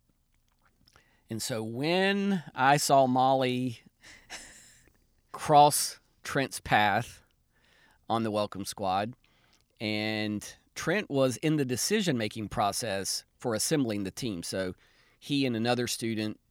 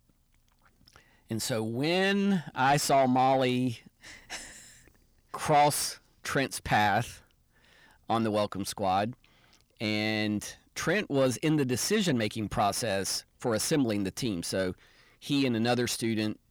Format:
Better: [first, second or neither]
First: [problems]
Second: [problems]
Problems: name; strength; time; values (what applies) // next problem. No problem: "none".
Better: first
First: none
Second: distortion; slight; 10 dB below the speech